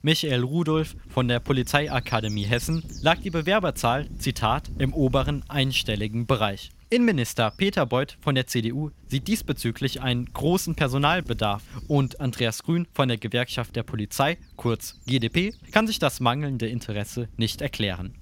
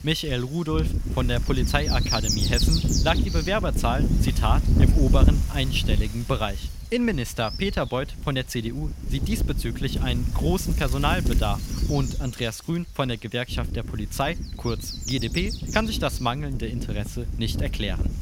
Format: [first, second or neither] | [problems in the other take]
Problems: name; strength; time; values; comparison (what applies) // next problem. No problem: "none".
first | wind noise on the microphone; heavy; 5 dB below the speech; occasional gusts in the first